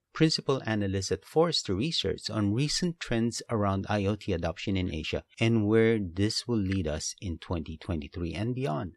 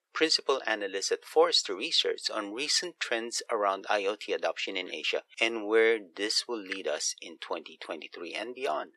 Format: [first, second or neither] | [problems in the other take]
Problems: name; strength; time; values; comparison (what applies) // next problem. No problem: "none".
first | thin; very; fading below 400 Hz